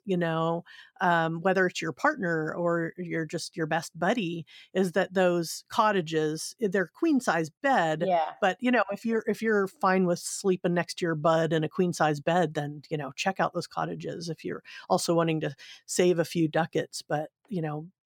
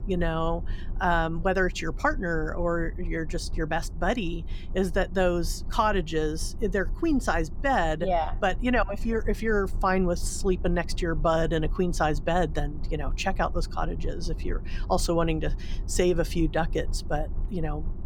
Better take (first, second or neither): first